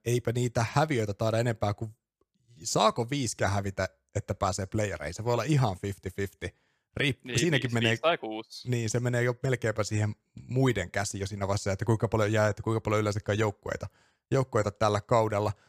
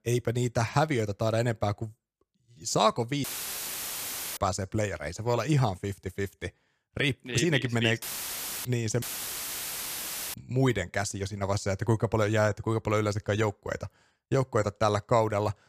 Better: first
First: none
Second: audio cutting out; filled with static; at 3 s for 1 s, at 8 s for 0.5 s and at 9 s for 1.5 s

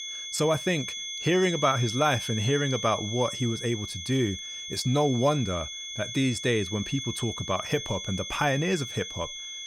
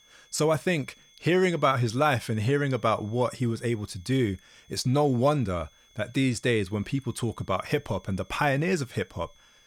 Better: second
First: high-pitched whine; loud; throughout; 3.5 kHz, 6 dB below the speech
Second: high-pitched whine; faint; throughout; 3.5 kHz, 30 dB below the speech

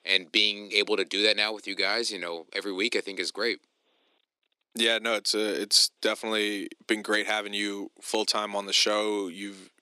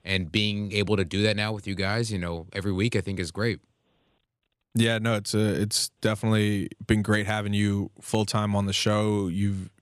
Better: second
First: thin; very; fading below 300 Hz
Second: none

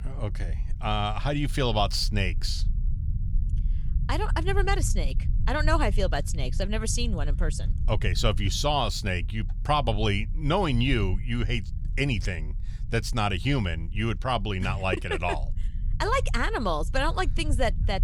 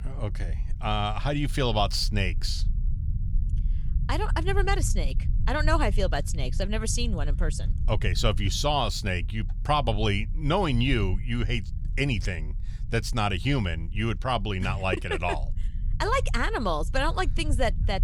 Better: neither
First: low rumble; faint; throughout; 20 dB below the speech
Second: low rumble; faint; throughout; 20 dB below the speech

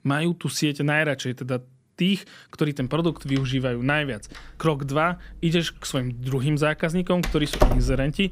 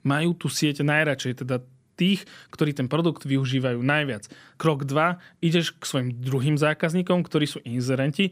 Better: second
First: door banging; loud; at 7 s; peak 2 dB above the speech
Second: none

